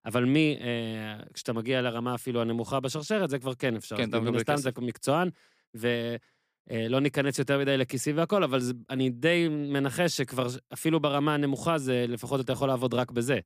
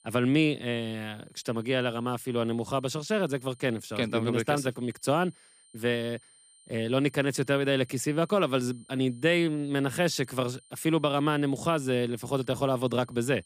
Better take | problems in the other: first | high-pitched whine; faint; throughout; 9 kHz, 30 dB below the speech

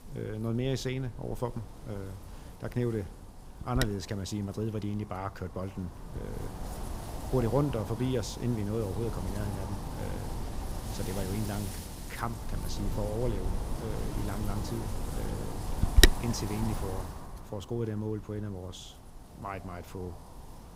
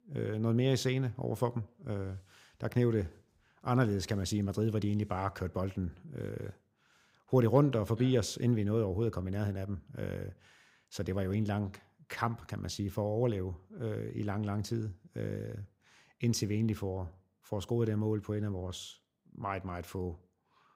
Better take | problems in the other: second | wind noise on the microphone; heavy; 1 dB above the speech

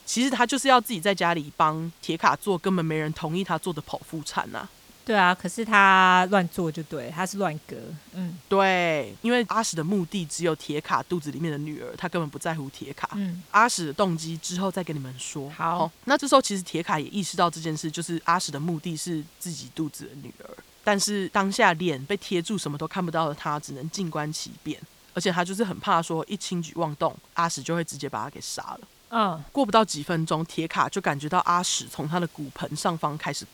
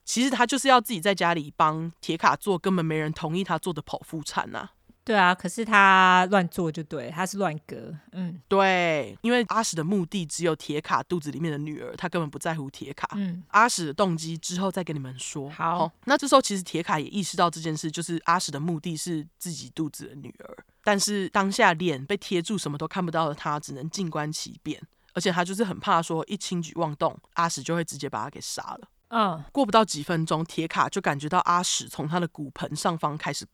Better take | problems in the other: second | hiss; faint; throughout; 25 dB below the speech

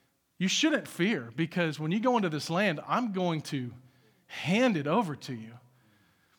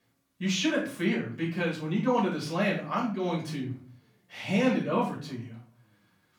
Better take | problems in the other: first | off-mic speech; far // room echo; slight; dies away in 0.4 s

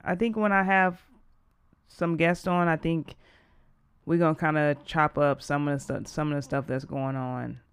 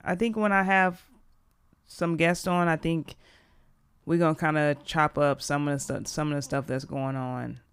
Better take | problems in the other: second | muffled; slightly; fading above 4 kHz

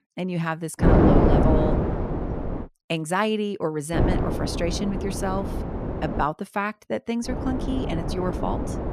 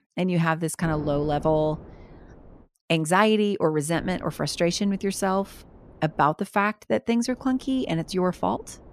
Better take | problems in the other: second | wind noise on the microphone; heavy; from 1 to 2.5 s, from 4 to 6 s and from 7.5 s on; as loud as the speech; occasional gusts in the second

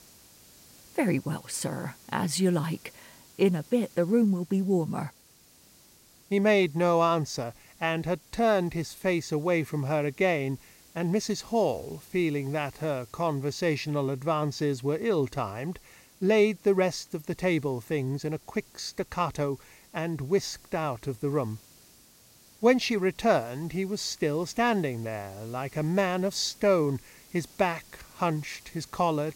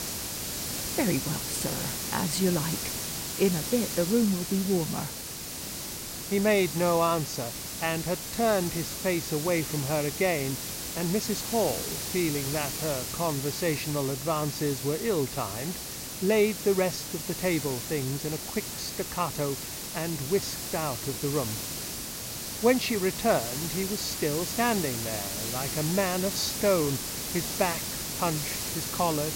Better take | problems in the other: first | hiss; loud; throughout; 3 dB below the speech; faint in the first

